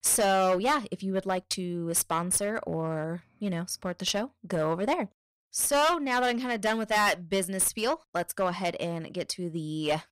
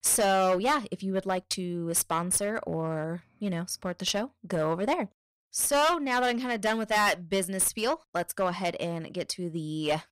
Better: neither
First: distortion; slight; 8% of the sound clipped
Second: distortion; slight; 8% of the sound clipped

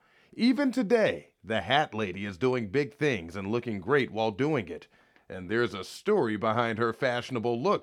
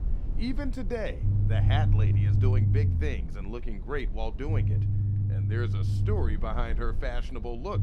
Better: first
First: none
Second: low rumble; loud; throughout; 4 dB below the speech

